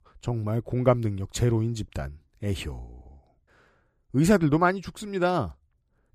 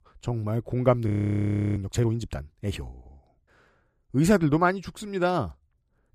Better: first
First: none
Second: audio freezing; at 1 s for 0.5 s

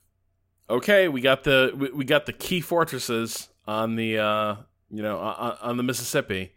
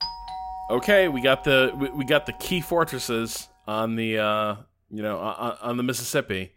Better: first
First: none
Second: doorbell; noticeable; until 3 s; peak 6 dB below the speech

